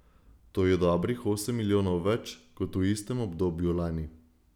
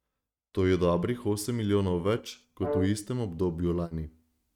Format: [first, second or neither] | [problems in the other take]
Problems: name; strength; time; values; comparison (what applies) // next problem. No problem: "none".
first | noise reduction (neural mask model RNNoise)